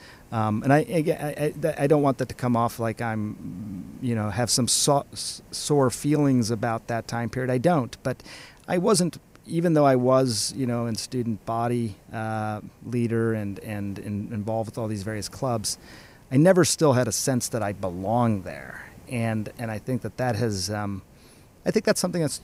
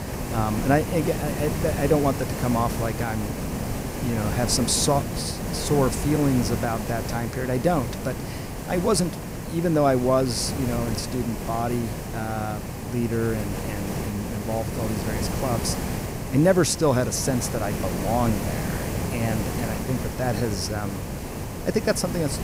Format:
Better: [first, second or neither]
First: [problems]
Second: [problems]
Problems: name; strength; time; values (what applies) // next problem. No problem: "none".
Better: first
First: hiss; faint; throughout; 25 dB below the speech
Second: hiss; loud; throughout; 4 dB below the speech